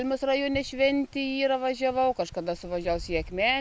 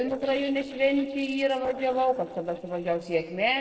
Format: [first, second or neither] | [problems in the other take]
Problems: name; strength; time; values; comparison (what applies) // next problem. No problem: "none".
first | noise reduction (neural separator model SepFormer DNS4)